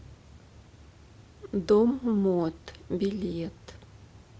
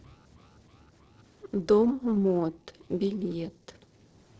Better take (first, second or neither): first